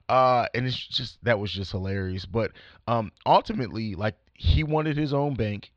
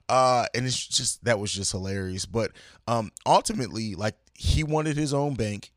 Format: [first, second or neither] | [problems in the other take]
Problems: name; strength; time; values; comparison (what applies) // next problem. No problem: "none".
second | muffled; slightly; fading above 4 kHz